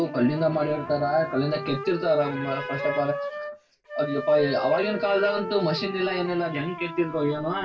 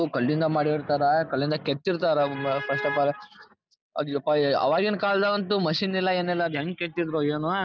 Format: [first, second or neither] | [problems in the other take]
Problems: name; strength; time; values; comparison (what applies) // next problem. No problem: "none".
second | background sound (Wind instrument, woodwind instrument); 9 dB below the speech // room echo; dies away in 0.1 s